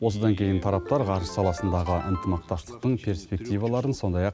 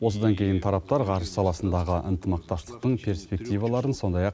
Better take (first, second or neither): second